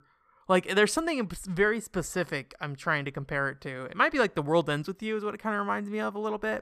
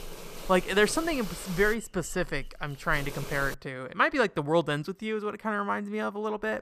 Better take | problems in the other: first | hiss; noticeable; until 3.5 s; 15 dB below the speech

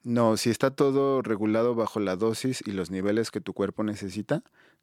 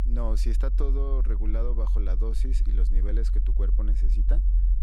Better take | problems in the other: first | low rumble; loud; throughout; 9 dB below the speech

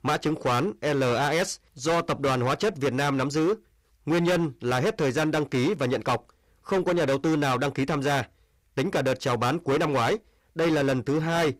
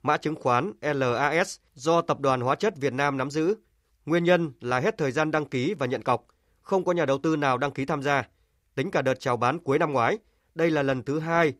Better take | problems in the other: second | distortion; heavy; 18% of the sound clipped

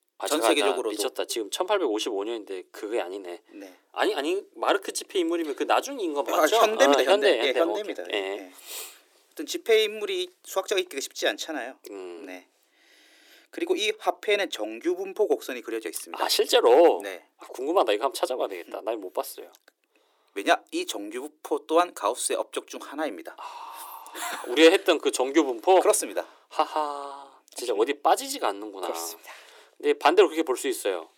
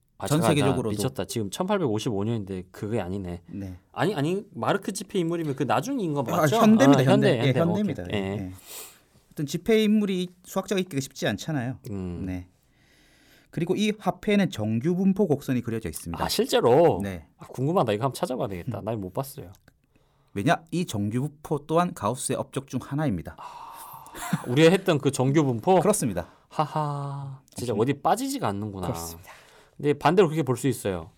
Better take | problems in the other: second | thin; very; fading below 300 Hz

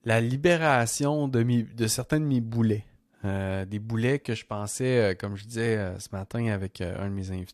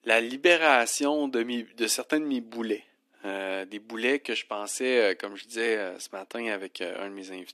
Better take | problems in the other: first | thin; somewhat; fading below 250 Hz

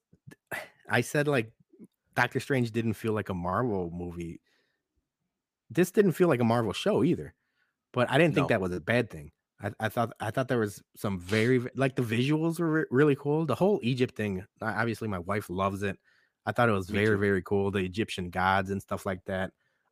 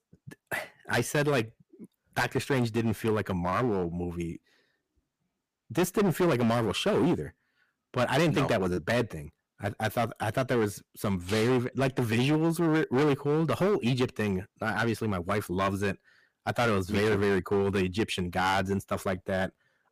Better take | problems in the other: first | distortion; heavy; 10% of the sound clipped

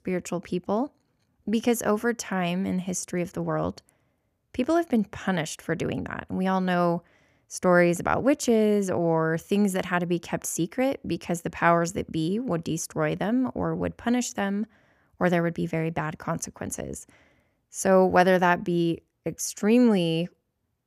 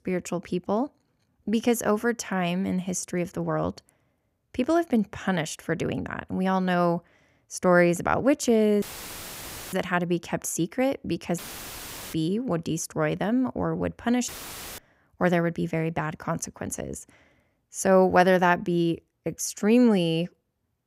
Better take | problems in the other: first | audio cutting out; filled with static; at 9 s for 1 s, at 11 s for 1 s and at 14 s for 0.5 s

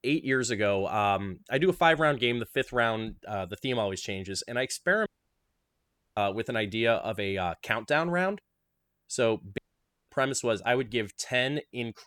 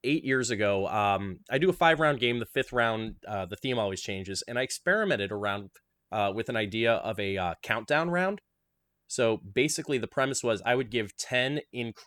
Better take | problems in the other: second | audio cutting out; at 5 s for 1 s and at 9.5 s for 0.5 s

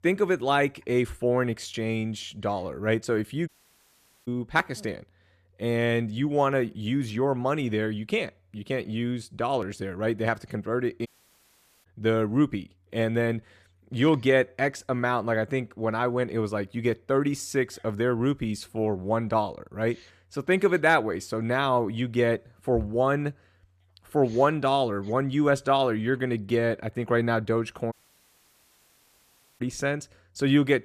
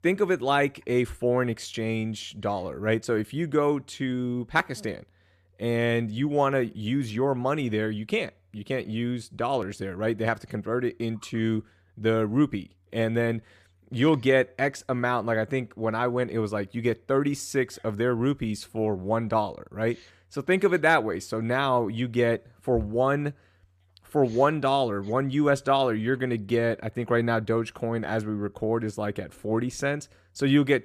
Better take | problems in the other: second | audio cutting out; at 3.5 s for 1 s, at 11 s for 1 s and at 28 s for 1.5 s

